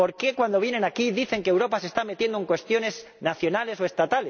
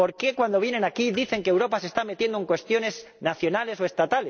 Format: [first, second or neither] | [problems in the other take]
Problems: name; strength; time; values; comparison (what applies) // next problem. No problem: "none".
first | noise reduction (neural separator model SepFormer DNS4)